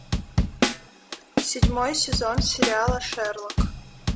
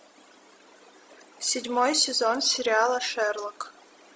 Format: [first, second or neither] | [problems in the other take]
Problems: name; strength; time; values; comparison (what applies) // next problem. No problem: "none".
second | background sound (Drum kit); 3 dB above the speech